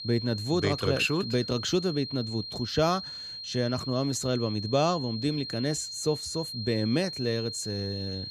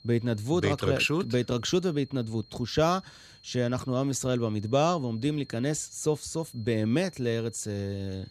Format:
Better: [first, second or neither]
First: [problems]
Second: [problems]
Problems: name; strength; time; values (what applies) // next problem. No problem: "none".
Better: second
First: high-pitched whine; loud; throughout; 4 kHz, 7 dB below the speech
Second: high-pitched whine; faint; throughout; 4 kHz, 25 dB below the speech